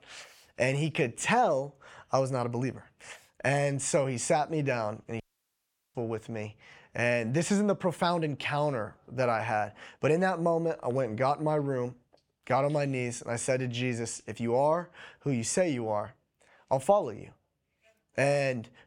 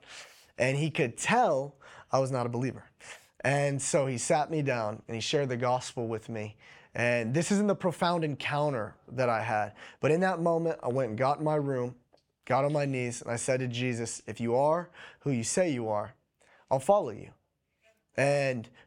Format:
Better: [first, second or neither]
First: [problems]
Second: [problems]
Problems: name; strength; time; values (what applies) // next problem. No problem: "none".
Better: second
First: audio cutting out; at 5 s for 1 s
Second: none